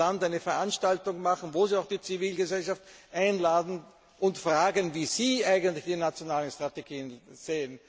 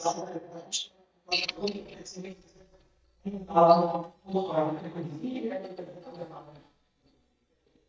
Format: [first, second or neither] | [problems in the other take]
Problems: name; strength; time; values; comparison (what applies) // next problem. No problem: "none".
first | noise reduction (neural mask model DeepFilterNet 3)